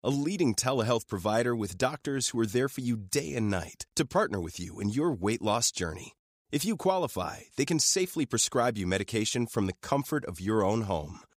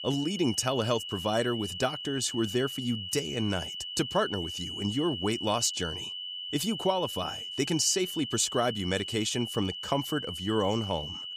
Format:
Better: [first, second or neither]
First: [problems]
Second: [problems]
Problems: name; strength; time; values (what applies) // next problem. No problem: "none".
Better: first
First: none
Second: high-pitched whine; loud; throughout; 3 kHz, 6 dB below the speech